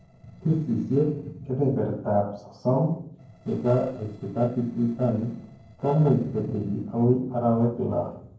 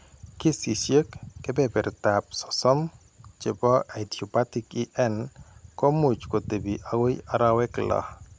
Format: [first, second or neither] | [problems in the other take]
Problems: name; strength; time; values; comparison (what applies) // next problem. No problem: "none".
second | noise reduction (neural separator model SepFormer DNS4)